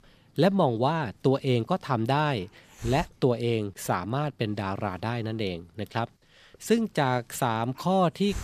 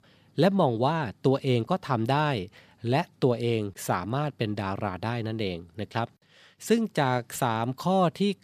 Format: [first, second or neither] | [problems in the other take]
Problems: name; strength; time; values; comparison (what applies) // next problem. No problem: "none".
second | hiss; faint; throughout; 25 dB below the speech